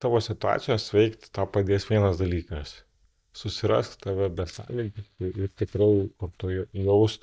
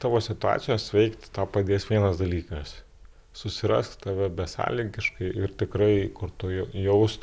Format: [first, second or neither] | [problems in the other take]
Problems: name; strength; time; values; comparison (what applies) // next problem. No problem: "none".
second | noise reduction (neural mask model DeepFilterNet 3)